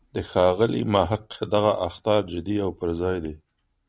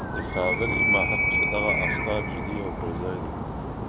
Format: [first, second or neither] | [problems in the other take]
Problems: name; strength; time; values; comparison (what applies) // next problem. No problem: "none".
first | background sound (Animal); 5 dB above the speech